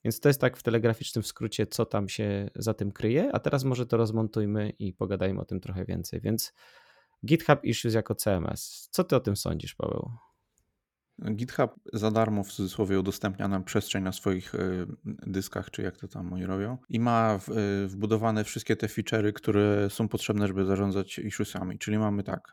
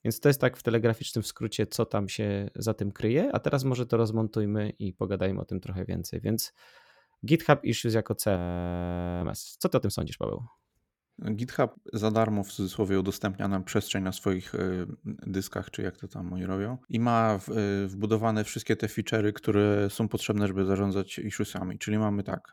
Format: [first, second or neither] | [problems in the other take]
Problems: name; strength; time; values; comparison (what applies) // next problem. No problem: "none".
first | audio freezing; at 8.5 s for 1 s